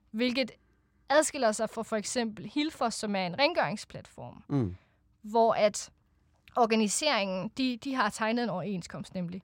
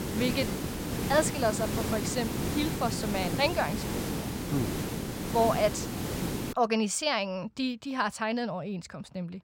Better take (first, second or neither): first